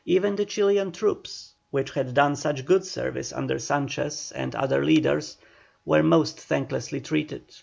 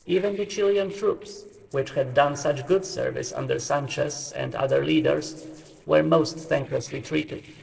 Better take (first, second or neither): first